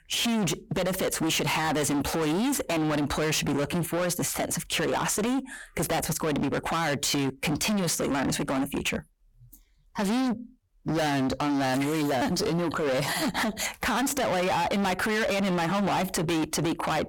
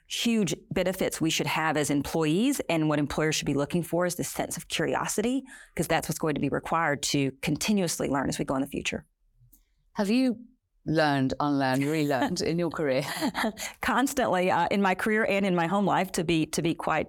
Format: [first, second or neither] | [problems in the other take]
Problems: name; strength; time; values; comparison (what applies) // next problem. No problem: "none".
second | distortion; heavy; 35% of the sound clipped